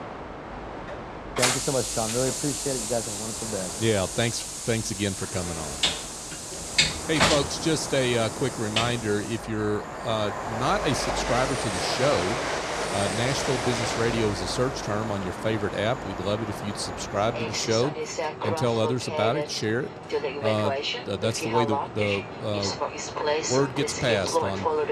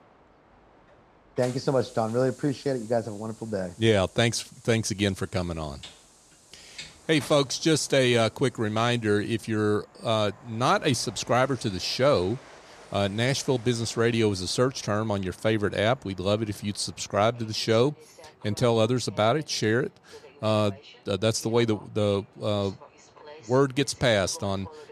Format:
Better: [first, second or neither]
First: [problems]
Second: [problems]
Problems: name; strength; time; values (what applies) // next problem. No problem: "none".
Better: second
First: train or aircraft noise; loud; throughout; 1 dB below the speech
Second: train or aircraft noise; faint; throughout; 25 dB below the speech